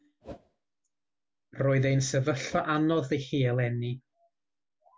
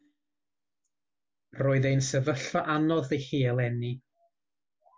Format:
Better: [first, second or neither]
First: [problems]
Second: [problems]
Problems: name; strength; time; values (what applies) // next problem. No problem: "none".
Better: second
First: background sound (Whoosh, swoosh, swish); 18 dB below the speech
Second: none